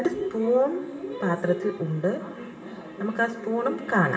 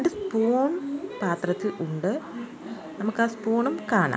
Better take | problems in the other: second | room echo; dies away in 0.8 s

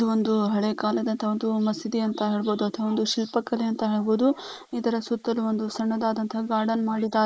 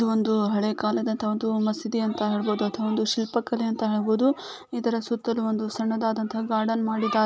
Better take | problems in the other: second | noise reduction (neural mask model Resemble Enhance denoiser)

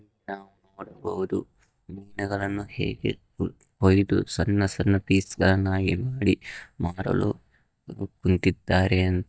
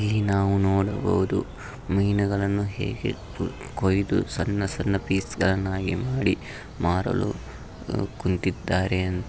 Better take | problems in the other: second | noise reduction (neural mask model DeepFilterNet 3)

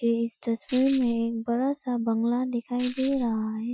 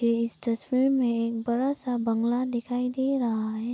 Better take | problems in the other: second | noise reduction (classical method Wiener filter)

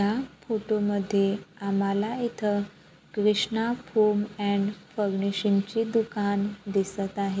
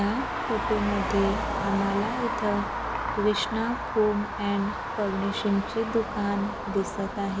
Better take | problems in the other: first | background sound (Traffic noise, roadway noise); 3 dB below the speech

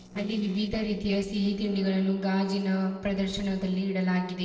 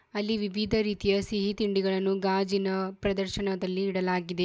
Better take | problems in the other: second | noise reduction (neural separator model SepFormer DNS4)

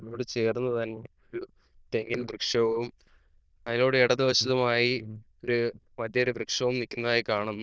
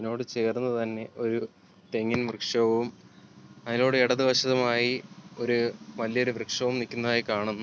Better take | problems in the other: second | noise reduction (neural diffusion model UNIVERSE++)

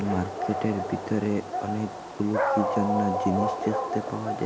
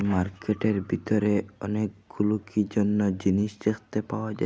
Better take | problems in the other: second | background sound (Dog); 1 dB below the speech

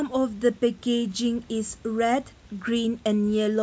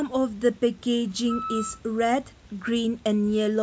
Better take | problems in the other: first | background sound (Wind instrument, woodwind instrument); 12 dB below the speech

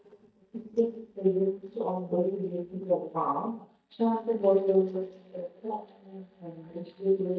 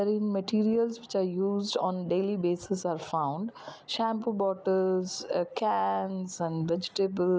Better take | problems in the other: second | noise reduction (neural mask model DeepFilterNet 3)

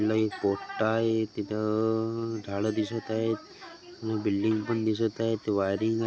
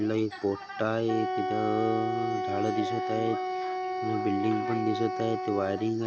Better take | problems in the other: first | background sound (Wind instrument, woodwind instrument); 2 dB below the speech

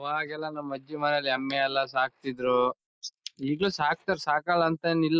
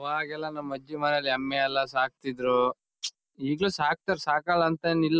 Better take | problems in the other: second | noise reduction (neural mask model Resemble Enhance denoiser)

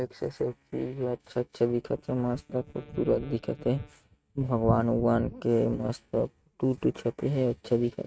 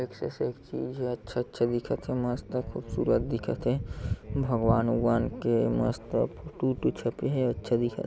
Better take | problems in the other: second | noise reduction (neural mask model RNNoise)

